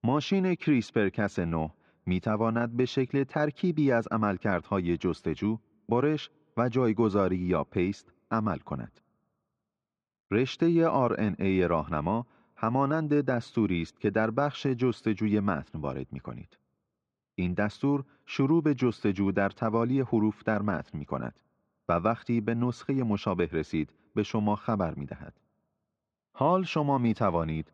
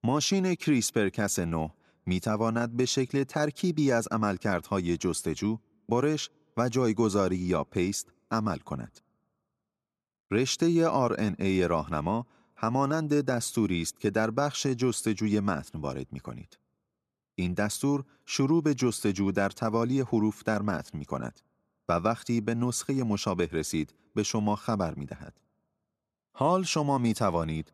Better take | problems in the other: second | muffled; very; fading above 3 kHz

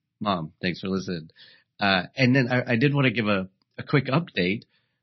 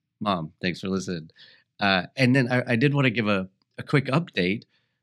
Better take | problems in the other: second | garbled, watery; slightly

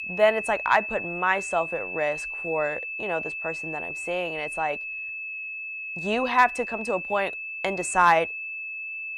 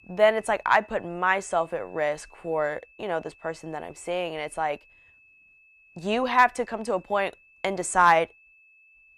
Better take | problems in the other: second | high-pitched whine; loud; throughout; 2.5 kHz, 6 dB below the speech; faint in the second

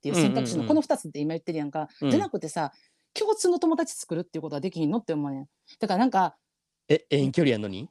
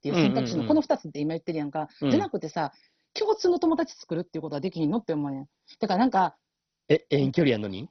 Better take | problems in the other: first | garbled, watery; badly; nothing above 6 kHz

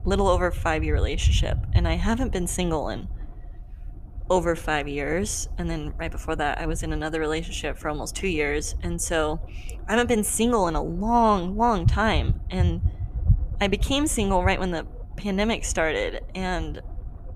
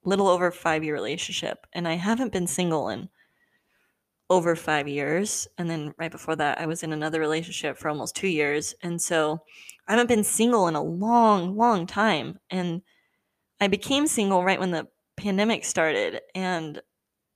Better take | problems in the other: second | low rumble; faint; throughout; 20 dB below the speech

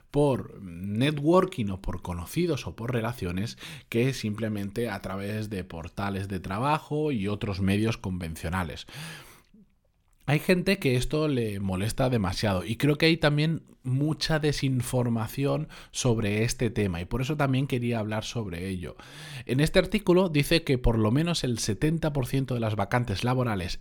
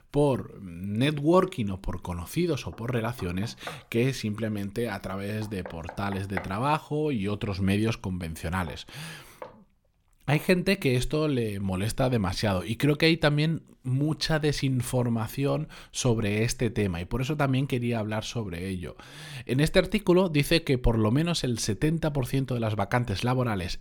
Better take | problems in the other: first | door banging; faint; from 2.5 to 10 s; peak 10 dB below the speech

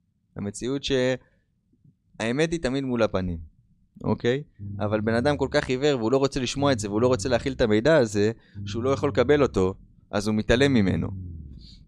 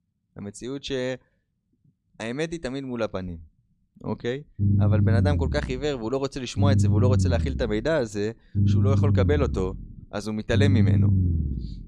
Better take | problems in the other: first | low rumble; loud; from 4 s on; 5 dB below the speech; faint in the first

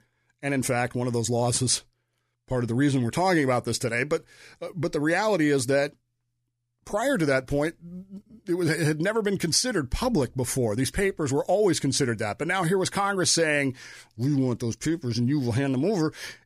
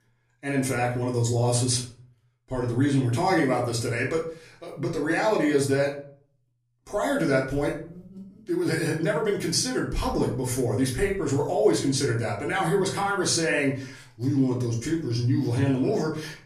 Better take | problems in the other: first | off-mic speech; far // room echo; slight; dies away in 0.4 s

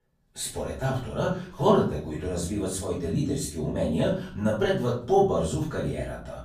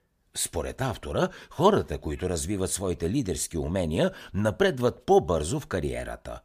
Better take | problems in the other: second | off-mic speech; far // room echo; noticeable; dies away in 0.4 s

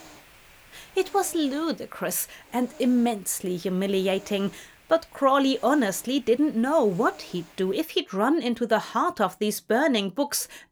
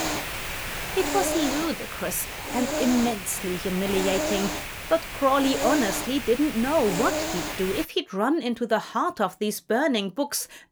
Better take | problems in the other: first | hiss; loud; until 8 s; 4 dB below the speech; faint in the first

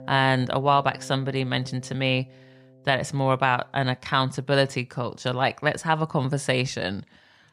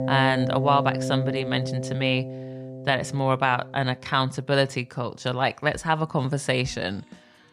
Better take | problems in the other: first | background music; loud; throughout; 6 dB below the speech; faint in the first

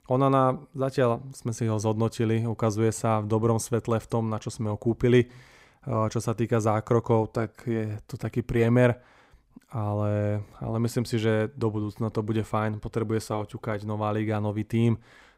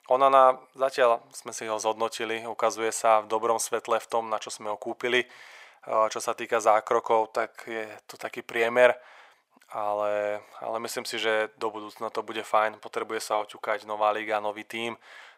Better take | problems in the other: first | thin; very; fading below 750 Hz

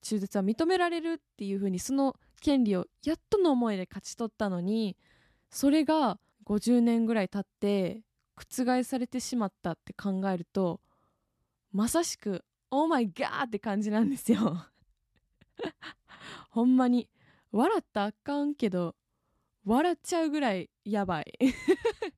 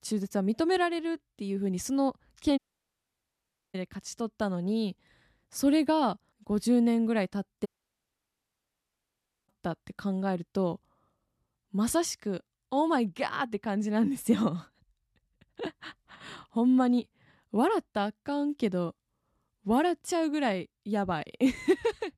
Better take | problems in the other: first | audio cutting out; at 2.5 s for 1 s and at 7.5 s for 2 s

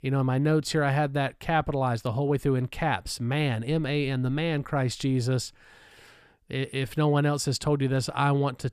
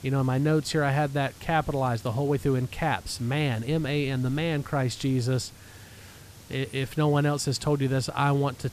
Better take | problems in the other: first | hiss; faint; throughout; 20 dB below the speech

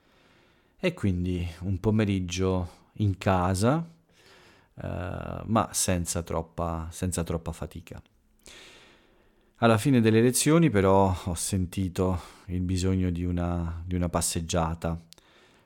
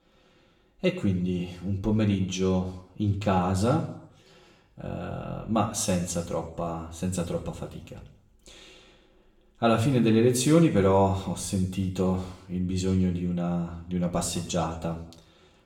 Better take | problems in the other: first | room echo; slight; dies away in 0.7 s // off-mic speech; somewhat distant

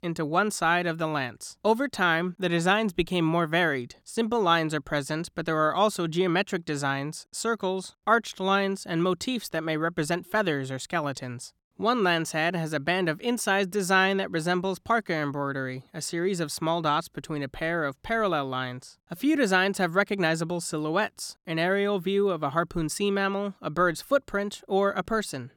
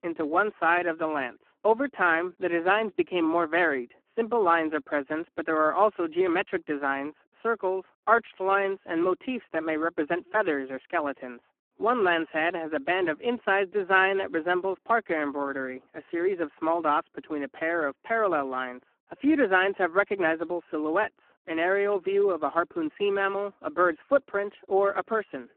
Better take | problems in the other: first | phone-call audio; poor line

